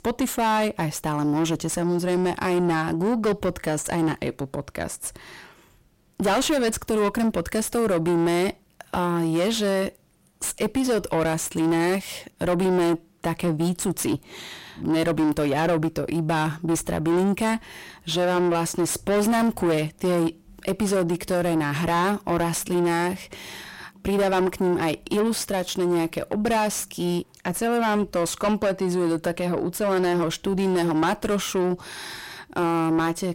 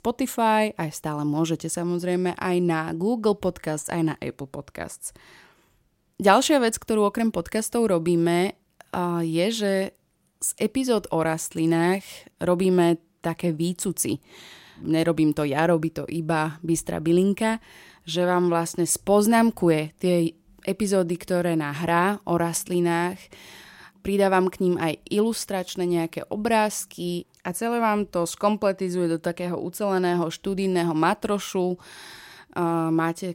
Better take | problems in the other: second | distortion; heavy; 6 dB below the speech

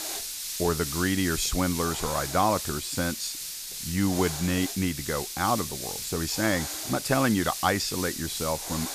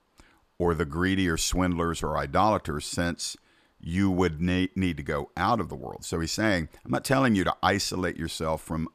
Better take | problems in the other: second | hiss; loud; throughout; 4 dB below the speech

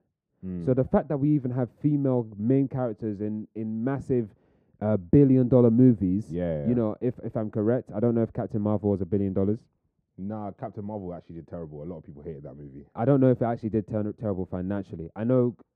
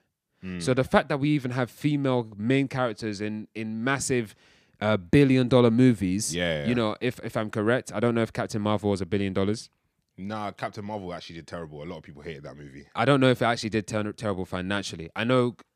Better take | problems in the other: second | muffled; very; fading above 1.5 kHz

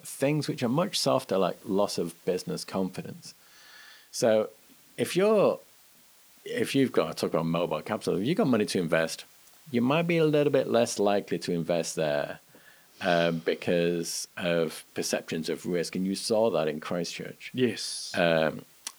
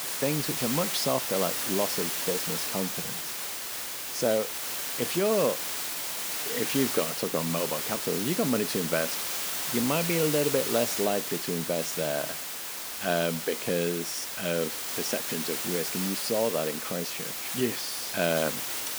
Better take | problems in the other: first | hiss; loud; throughout; as loud as the speech; faint in the first

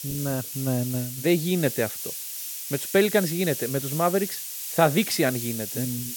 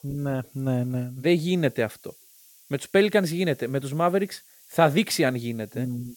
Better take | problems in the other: second | hiss; loud; throughout; 6 dB below the speech; faint in the second

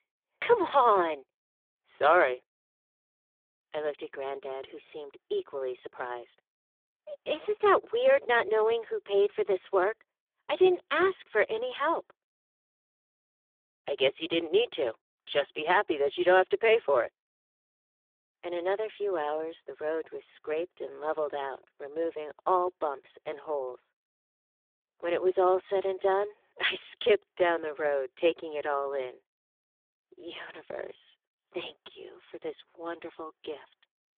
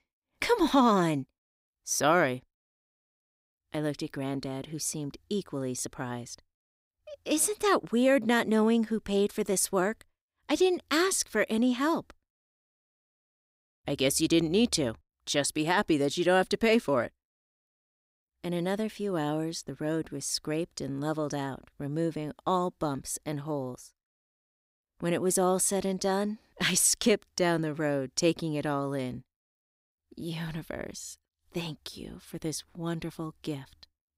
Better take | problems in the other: second | phone-call audio; poor line; nothing above 3.5 kHz

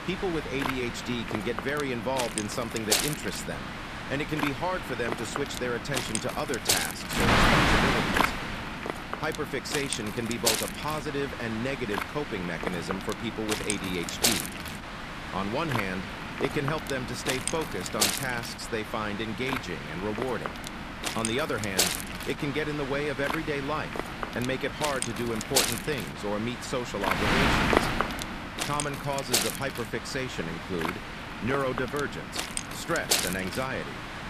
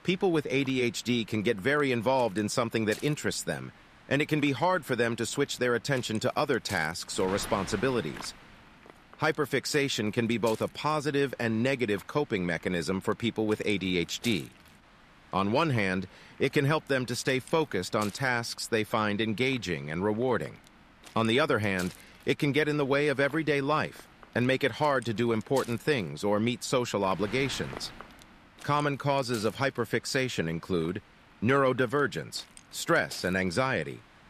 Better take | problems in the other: second | wind noise on the microphone; heavy; 3 dB above the speech; occasional gusts in the second

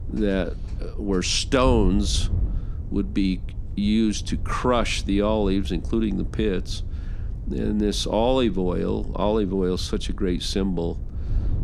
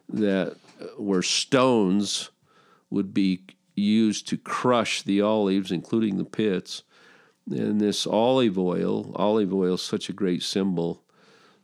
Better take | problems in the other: second | wind noise on the microphone; occasional gusts; 20 dB below the speech

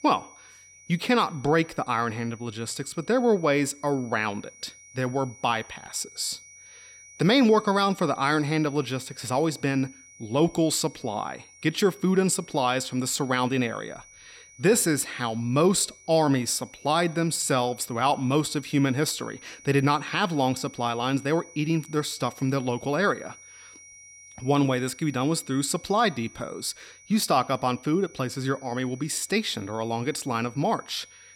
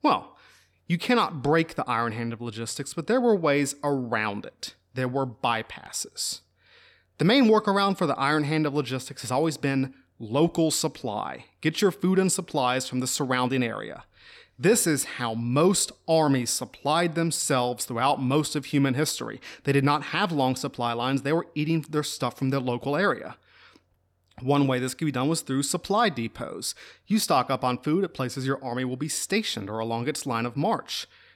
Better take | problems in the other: second | high-pitched whine; faint; throughout; 6 kHz, 20 dB below the speech

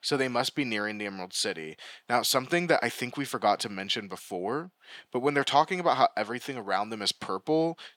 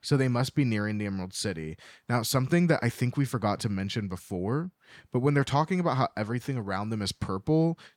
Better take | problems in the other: second | thin; somewhat; fading below 350 Hz

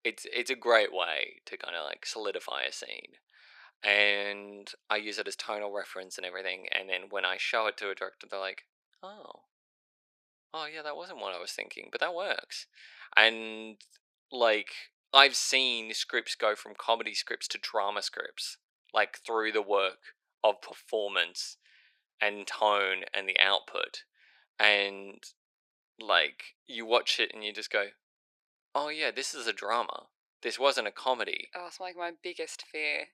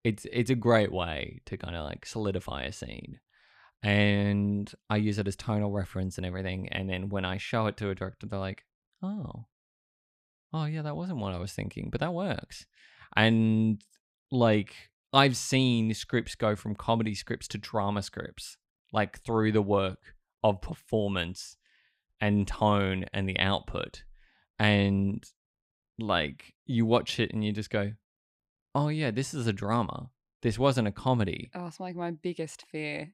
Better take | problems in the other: second | thin; very; fading below 450 Hz

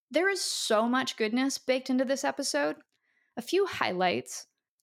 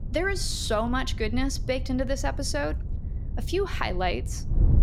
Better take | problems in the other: first | wind noise on the microphone; occasional gusts; 20 dB below the speech

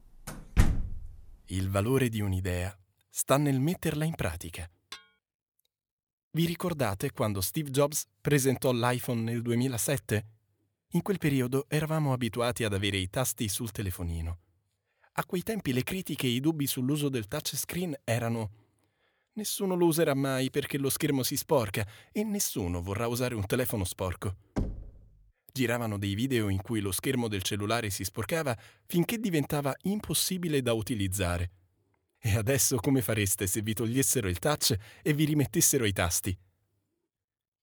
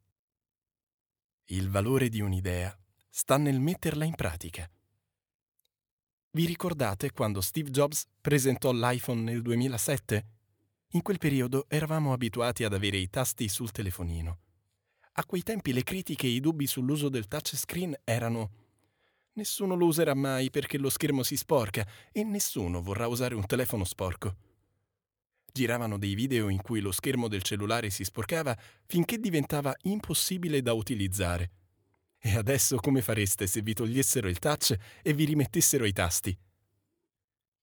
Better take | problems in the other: second | door banging; loud; at 0.5 s; peak 1 dB above the speech // clattering dishes; faint; at 5 s; peak 15 dB below the speech // door banging; noticeable; at 25 s; peak 6 dB below the speech

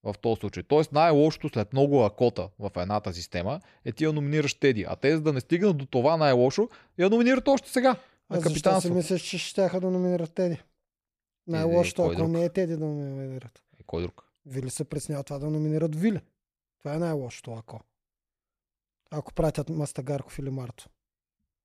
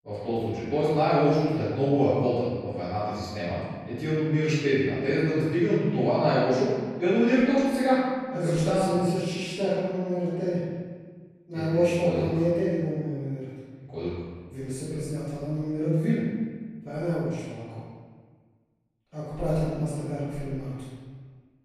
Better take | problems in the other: first | room echo; strong; dies away in 1.4 s // off-mic speech; far

